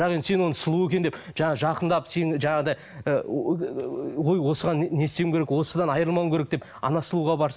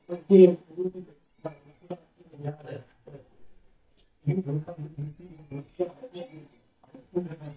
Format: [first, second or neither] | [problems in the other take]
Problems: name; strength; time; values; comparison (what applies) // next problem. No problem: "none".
first | noise reduction (neural mask model DeepFilterNet 3)